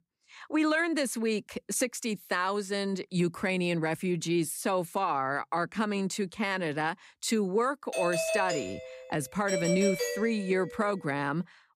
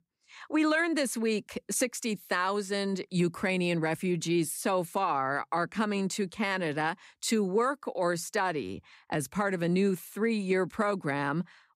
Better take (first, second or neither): second